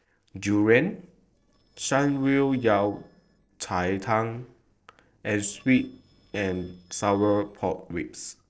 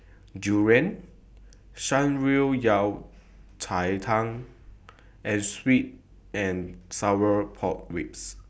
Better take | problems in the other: second | noise reduction (neural separator model SepFormer DNS4)

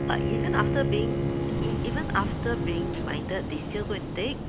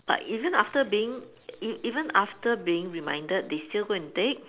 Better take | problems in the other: second | background sound (Bowed string instrument + Waves, surf / Wind); 4 dB above the speech

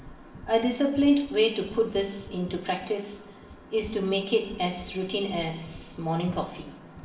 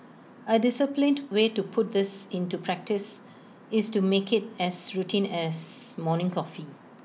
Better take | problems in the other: second | background sound (Run); 19 dB below the speech // room echo; dies away in 1 s

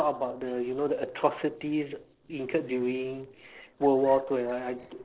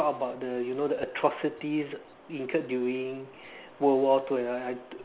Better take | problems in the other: second | noise reduction (neural separator model SepFormer DNS4)

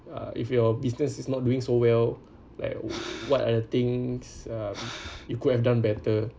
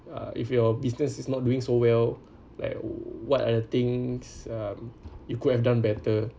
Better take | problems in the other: second | background sound (Breathing); 16 dB below the speech

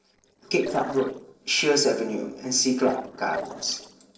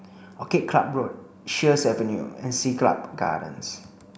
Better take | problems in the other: second | noise reduction (neural separator model SepFormer DNS4)

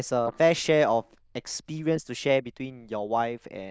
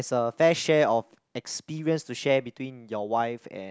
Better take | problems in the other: second | noise reduction (neural diffusion model UNIVERSE++)

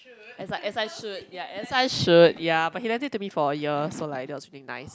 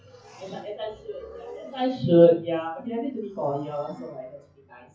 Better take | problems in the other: first | noise reduction (classical method WPE with log-MMSE)

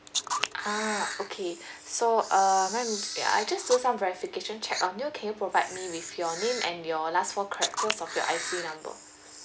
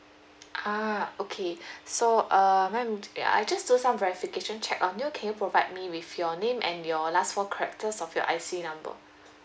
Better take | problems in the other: second | background sound (Camera); 7 dB below the speech

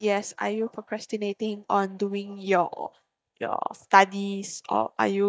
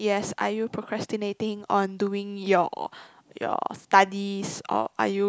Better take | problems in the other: second | noise reduction (neural mask model DeepFilterNet 3)

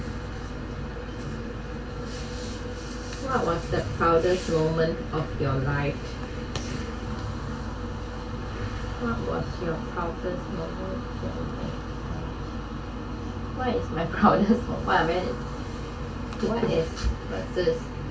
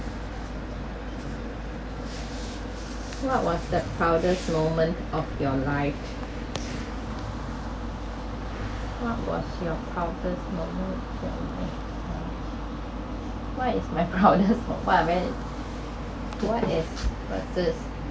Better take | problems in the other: second | room echo; dies away in 0.2 s

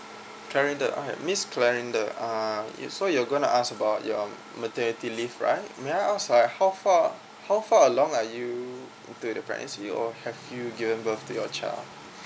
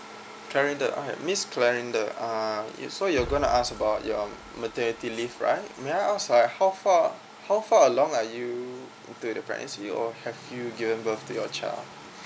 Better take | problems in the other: first | background sound (Explosion); 17 dB below the speech

